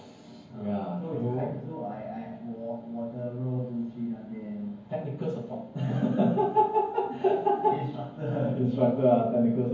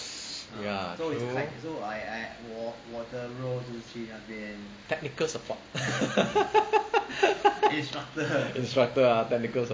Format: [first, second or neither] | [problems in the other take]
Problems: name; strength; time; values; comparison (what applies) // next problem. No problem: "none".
second | room echo; dies away in 0.9 s